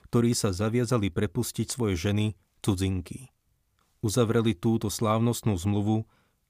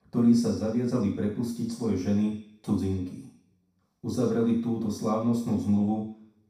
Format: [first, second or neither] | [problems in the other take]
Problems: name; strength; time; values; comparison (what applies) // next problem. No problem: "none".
first | room echo; noticeable; dies away in 0.6 s // off-mic speech; far